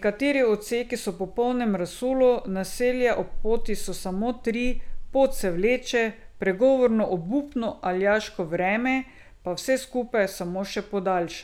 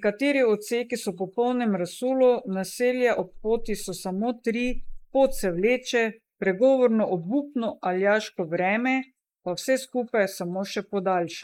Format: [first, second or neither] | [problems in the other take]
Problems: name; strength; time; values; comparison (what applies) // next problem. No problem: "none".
first | noise reduction (neural mask model Resemble Enhance denoiser)